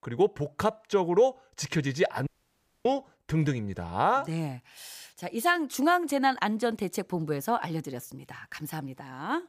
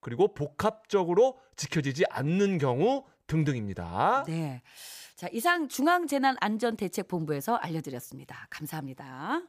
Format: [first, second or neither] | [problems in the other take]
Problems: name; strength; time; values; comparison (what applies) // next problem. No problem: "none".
second | audio cutting out; at 2.5 s for 0.5 s